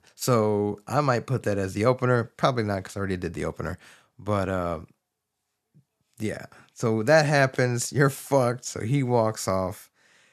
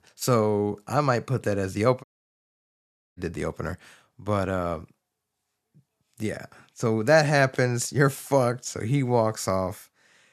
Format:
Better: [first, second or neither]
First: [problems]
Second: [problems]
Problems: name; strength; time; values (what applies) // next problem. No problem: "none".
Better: first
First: none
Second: audio cutting out; at 2 s for 1 s